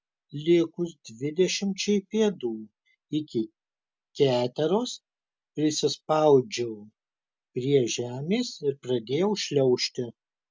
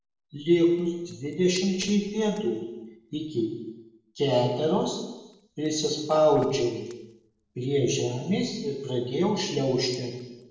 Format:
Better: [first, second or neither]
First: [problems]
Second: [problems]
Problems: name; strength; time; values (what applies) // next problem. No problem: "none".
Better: first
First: none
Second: noise reduction (neural separator model SepFormer DNS4)